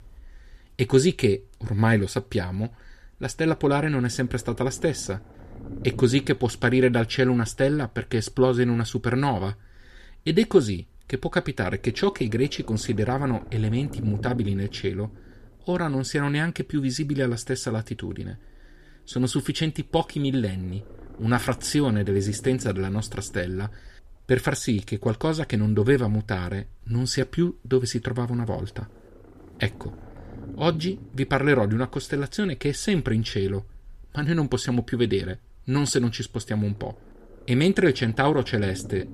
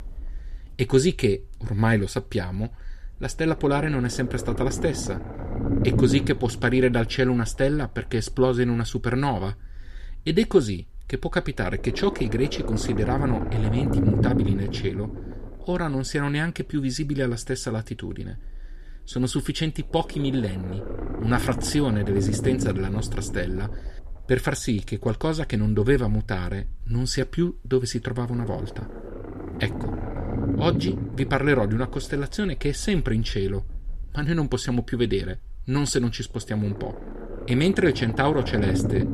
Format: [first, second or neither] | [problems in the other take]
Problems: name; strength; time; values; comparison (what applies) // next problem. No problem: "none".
first | low rumble; loud; throughout; 8 dB below the speech; faint in the first